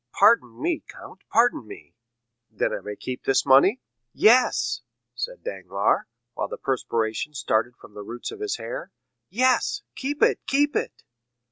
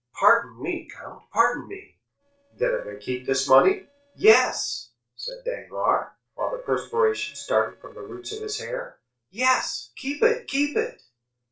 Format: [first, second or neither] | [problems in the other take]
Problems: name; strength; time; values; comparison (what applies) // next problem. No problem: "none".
first | noise reduction (neural separator model SepFormer DNS4)